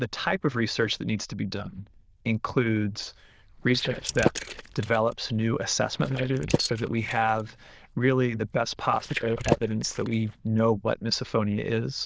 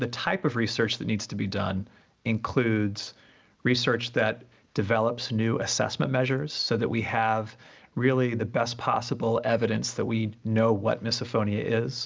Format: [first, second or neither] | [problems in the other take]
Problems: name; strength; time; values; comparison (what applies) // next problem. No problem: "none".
second | noise reduction (neural diffusion model UNIVERSE++)